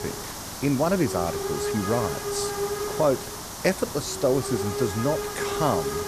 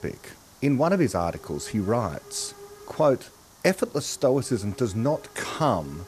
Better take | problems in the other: second | hiss; loud; throughout; 4 dB below the speech; faint in the second

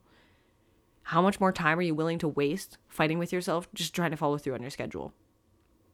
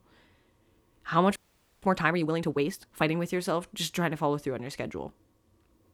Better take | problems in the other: first | audio freezing; at 1.5 s

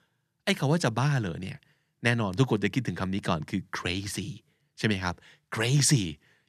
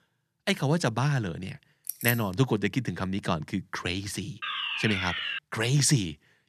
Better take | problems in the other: first | jangling keys; noticeable; at 2 s; peak 3 dB below the speech // alarm; noticeable; at 4.5 s; peak 1 dB below the speech

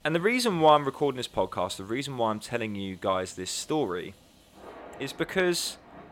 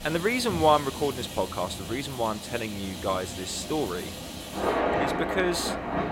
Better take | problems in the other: first | rain or running water; loud; throughout; 4 dB below the speech; faint in the first

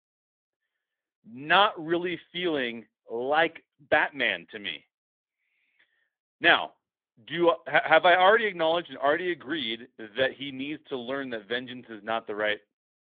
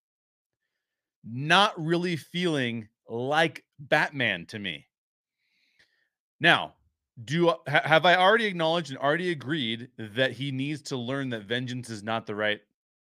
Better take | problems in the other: second | phone-call audio; nothing above 3.5 kHz

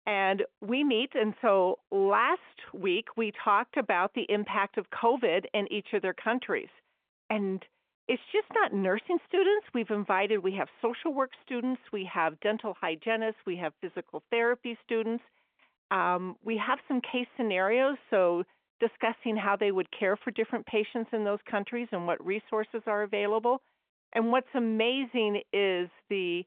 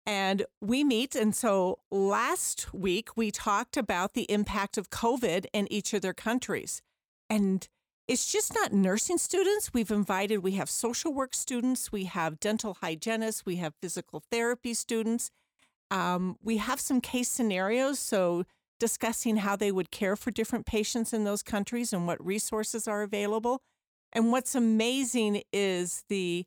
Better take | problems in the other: second | phone-call audio

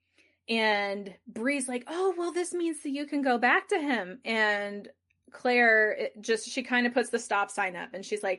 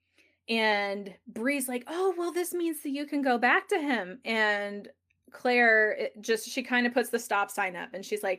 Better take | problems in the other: second | garbled, watery; slightly; nothing above 11 kHz

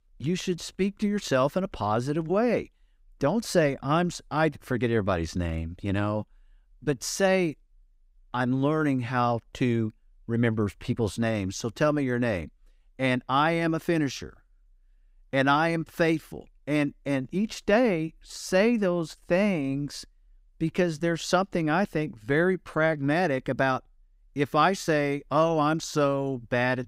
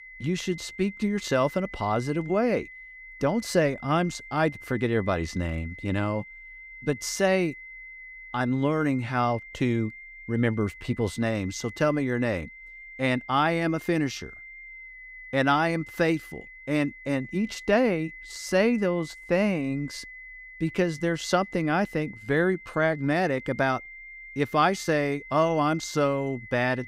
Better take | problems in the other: first | high-pitched whine; noticeable; throughout; 2 kHz, 15 dB below the speech

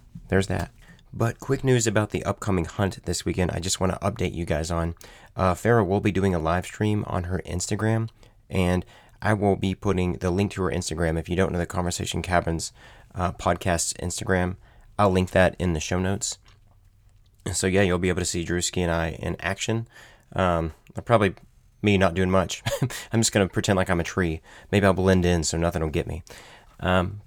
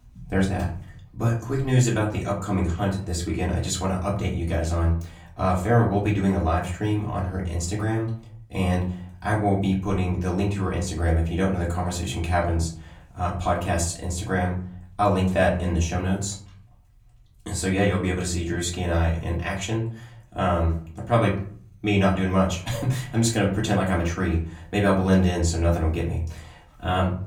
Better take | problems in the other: first | off-mic speech; far // room echo; slight; dies away in 0.4 s

